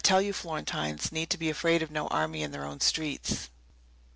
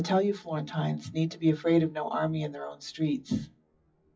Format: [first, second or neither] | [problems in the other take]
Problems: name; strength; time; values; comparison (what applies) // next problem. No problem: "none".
first | noise reduction (classical method WPE with log-MMSE)